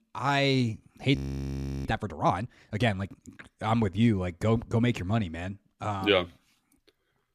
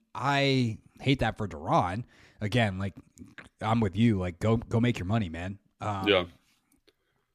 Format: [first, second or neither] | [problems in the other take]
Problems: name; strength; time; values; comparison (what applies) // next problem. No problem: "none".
second | audio freezing; at 1 s for 0.5 s